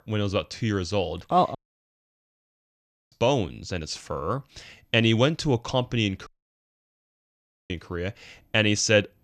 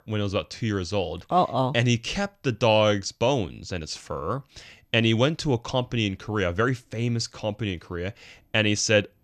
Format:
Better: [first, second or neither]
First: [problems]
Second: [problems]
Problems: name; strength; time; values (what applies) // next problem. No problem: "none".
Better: second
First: audio cutting out; at 1.5 s for 1.5 s and at 6.5 s for 1.5 s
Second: none